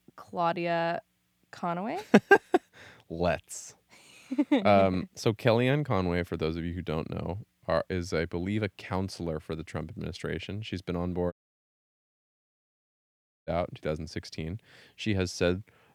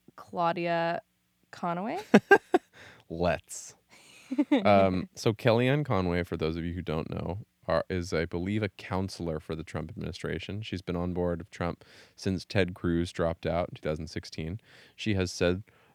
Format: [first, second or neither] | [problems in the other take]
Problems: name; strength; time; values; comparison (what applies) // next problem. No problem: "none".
second | audio cutting out; at 11 s for 2 s